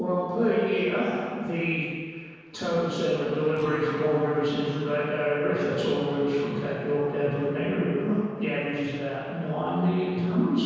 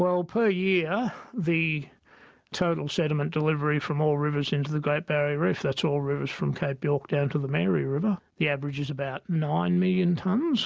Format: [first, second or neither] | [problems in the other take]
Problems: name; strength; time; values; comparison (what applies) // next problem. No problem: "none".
second | noise reduction (neural separator model SepFormer DNS4)